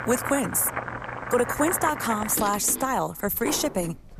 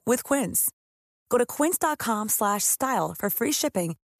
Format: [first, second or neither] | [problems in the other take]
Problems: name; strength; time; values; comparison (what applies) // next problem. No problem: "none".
second | household noises; loud; throughout; 8 dB below the speech